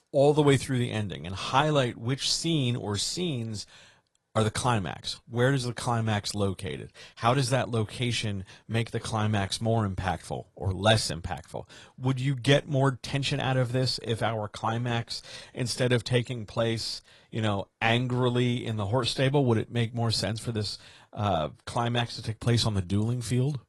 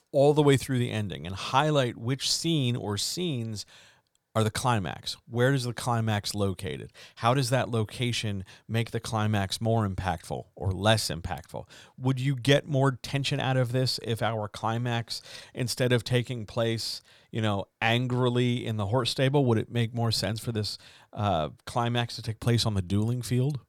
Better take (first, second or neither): second